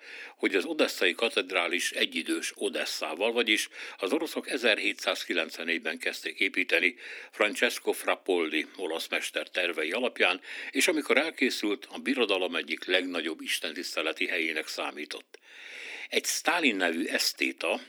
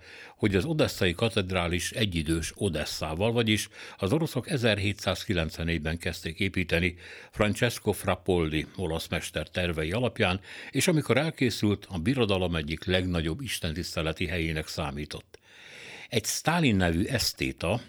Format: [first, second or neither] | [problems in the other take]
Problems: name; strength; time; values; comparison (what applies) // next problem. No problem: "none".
second | thin; somewhat; fading below 250 Hz